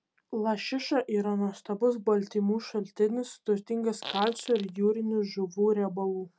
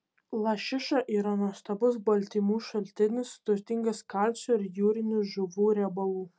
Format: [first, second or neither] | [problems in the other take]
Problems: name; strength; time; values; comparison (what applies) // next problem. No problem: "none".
second | background sound (Fart); 13 dB below the speech